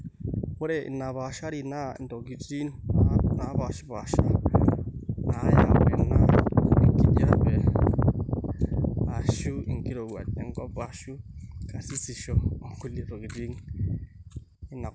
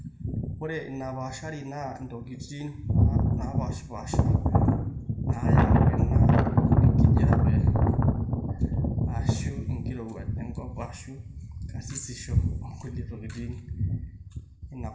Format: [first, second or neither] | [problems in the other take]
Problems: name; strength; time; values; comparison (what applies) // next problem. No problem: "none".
first | room echo; dies away in 0.6 s